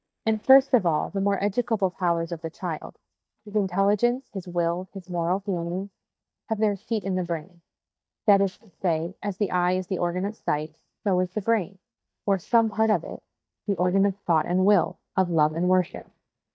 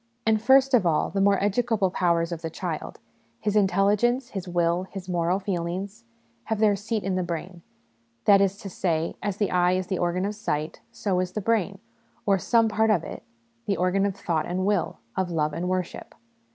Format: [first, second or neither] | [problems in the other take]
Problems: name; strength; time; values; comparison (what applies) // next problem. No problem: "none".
second | noise reduction (neural mask model DeepFilterNet 3)